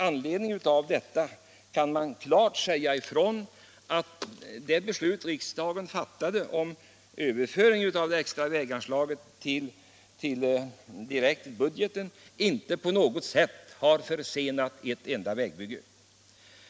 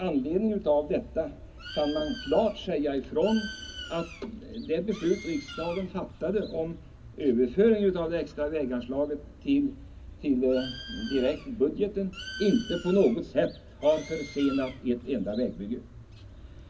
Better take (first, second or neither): first